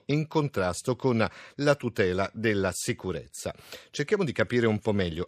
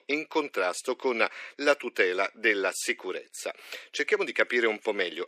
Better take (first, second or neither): first